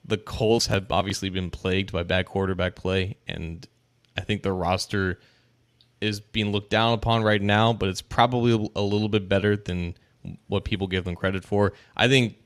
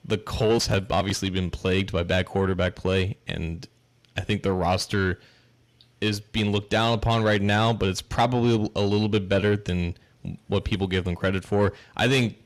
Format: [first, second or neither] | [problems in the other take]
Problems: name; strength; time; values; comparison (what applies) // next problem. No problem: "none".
first | distortion; slight; 10 dB below the speech